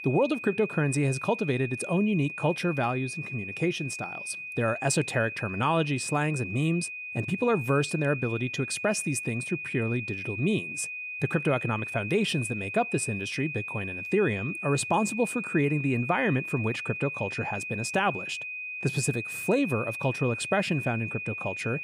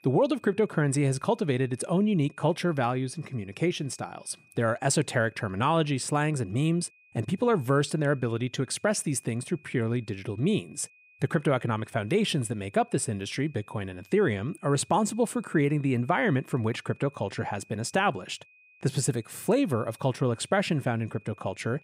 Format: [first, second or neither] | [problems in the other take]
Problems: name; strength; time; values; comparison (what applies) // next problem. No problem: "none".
second | high-pitched whine; loud; throughout; 2.5 kHz, 6 dB below the speech; faint in the second